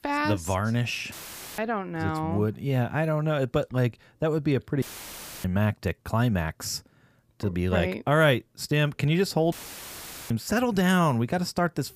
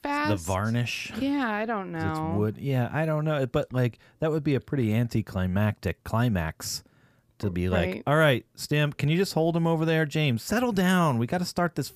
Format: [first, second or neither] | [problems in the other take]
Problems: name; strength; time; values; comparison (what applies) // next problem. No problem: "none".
second | audio cutting out; filled with static; at 1 s, at 5 s for 0.5 s and at 9.5 s for 1 s